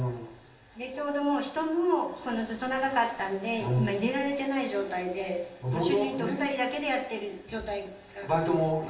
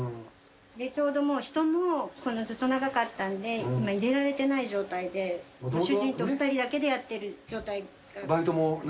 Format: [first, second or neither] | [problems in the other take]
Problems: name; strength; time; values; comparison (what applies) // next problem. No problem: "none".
second | room echo; dies away in 0.8 s